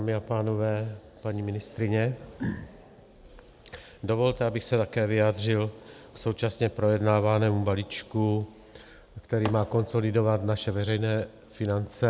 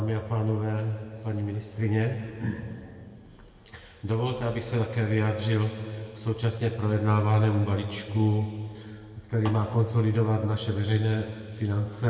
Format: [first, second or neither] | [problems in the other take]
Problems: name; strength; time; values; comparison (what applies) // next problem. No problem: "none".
first | room echo; dies away in 2.2 s